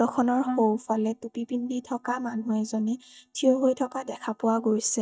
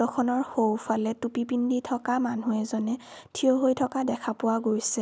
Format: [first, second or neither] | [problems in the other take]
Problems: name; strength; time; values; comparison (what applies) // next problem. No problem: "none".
second | noise reduction (neural mask model DeepFilterNet 3)